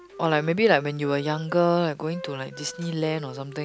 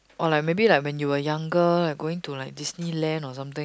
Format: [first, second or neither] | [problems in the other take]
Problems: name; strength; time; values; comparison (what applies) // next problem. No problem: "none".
second | background sound (Wind instrument, woodwind instrument); 18 dB below the speech